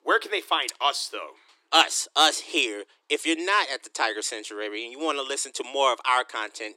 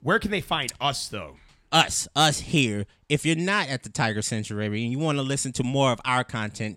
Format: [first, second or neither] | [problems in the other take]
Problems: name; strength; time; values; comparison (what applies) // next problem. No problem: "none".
second | thin; very; fading below 300 Hz